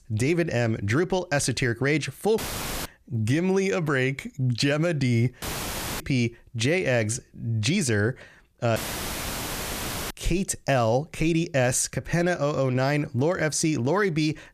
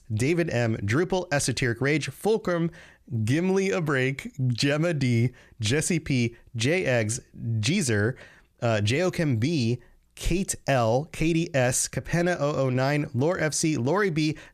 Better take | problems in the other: second | audio cutting out; filled with static; at 2.5 s, at 5.5 s for 0.5 s and at 9 s for 1.5 s

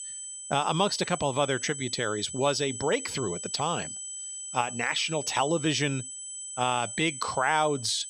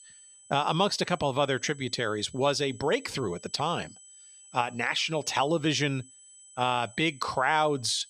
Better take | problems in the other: second | high-pitched whine; loud; throughout; 8 kHz, 8 dB below the speech; faint in the second

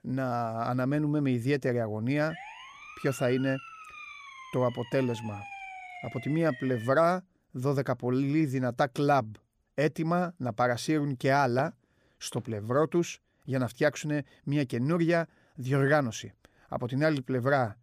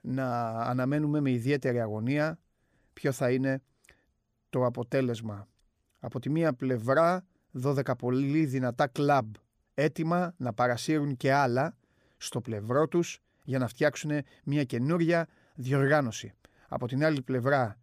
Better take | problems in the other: second | siren; faint; from 2.5 to 7 s; peak 10 dB below the speech // footsteps; faint; at 12 s; peak 15 dB below the speech

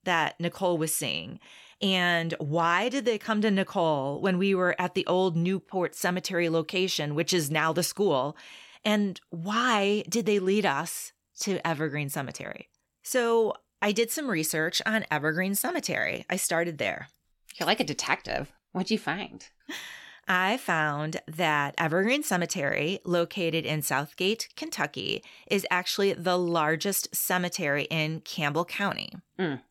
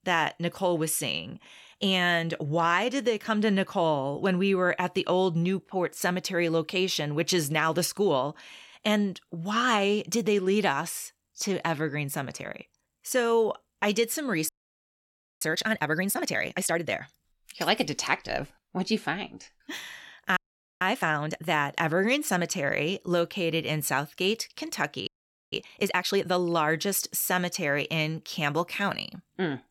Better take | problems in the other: first | audio freezing; at 14 s for 1 s, at 20 s and at 25 s

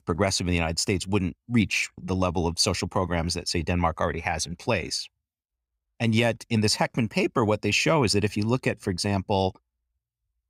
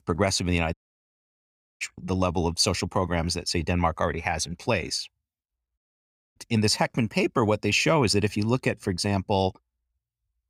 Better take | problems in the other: first | audio cutting out; at 0.5 s for 1 s and at 6 s for 0.5 s

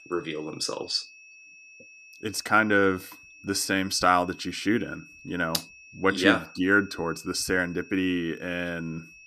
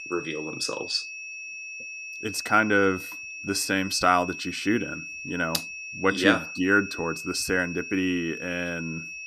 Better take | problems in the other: first | high-pitched whine; loud; throughout; 2.5 kHz, 9 dB below the speech; faint in the first

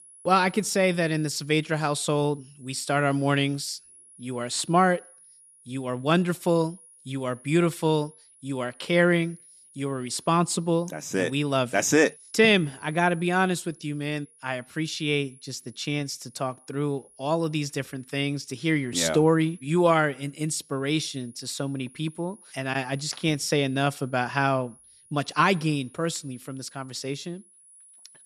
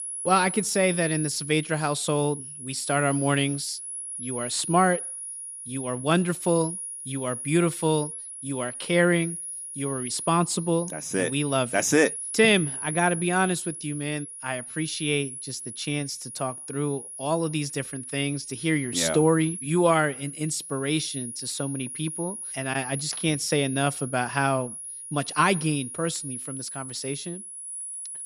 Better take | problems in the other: first | high-pitched whine; loud; throughout; 10.5 kHz, 7 dB below the speech; faint in the first

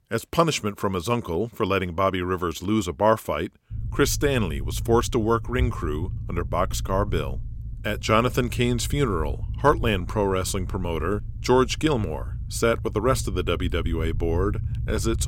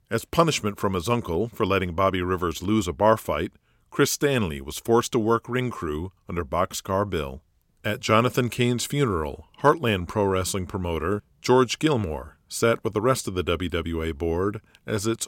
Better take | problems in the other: second | low rumble; faint; from 3.5 s on; 25 dB below the speech

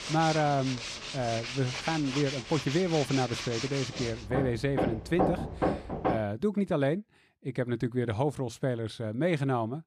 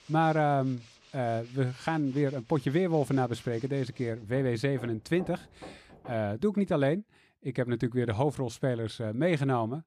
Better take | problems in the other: second | machinery noise; loud; until 6 s; 4 dB below the speech; faint in the second

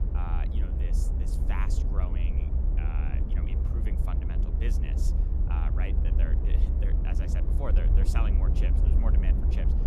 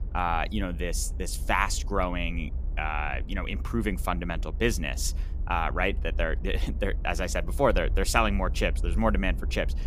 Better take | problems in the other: second | low rumble; loud; throughout; 1 dB below the speech; faint in the second

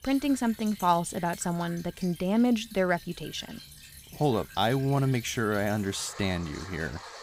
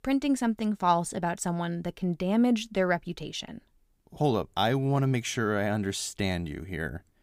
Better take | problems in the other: second | rain or running water; noticeable; throughout; 15 dB below the speech

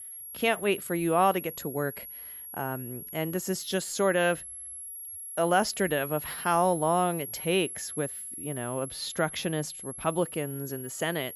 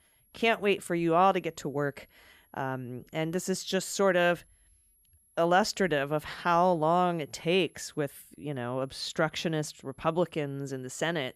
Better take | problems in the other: second | high-pitched whine; loud; throughout; 11 kHz, 9 dB below the speech; faint in the second

